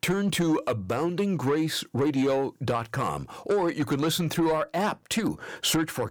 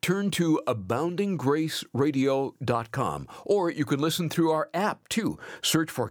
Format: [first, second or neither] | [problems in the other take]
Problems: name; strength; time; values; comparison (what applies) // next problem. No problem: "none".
second | distortion; slight; 10 dB below the speech